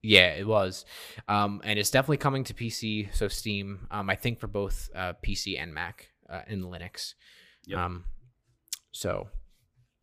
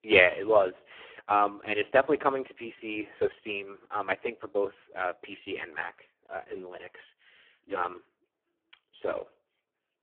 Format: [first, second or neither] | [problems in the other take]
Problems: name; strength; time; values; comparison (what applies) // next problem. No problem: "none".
first | phone-call audio; poor line